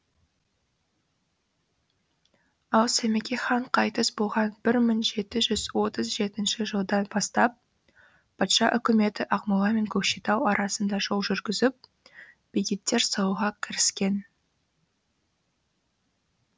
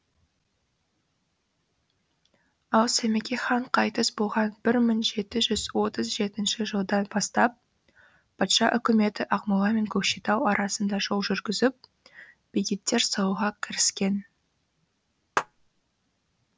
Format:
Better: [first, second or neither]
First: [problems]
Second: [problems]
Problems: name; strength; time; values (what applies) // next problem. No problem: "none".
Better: first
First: none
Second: background sound (Clapping); 4 dB below the speech